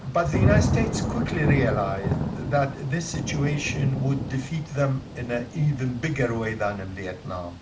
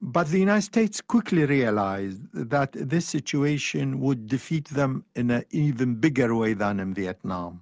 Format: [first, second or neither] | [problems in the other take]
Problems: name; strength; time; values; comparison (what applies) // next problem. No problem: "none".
second | background sound (Thunder / Rain); 1 dB below the speech // room echo; dies away in 0.4 s